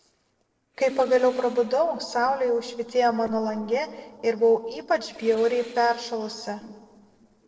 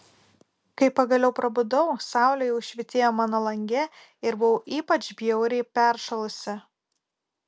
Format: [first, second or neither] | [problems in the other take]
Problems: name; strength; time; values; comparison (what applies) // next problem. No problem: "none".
second | noise reduction (neural separator model SepFormer DNS4)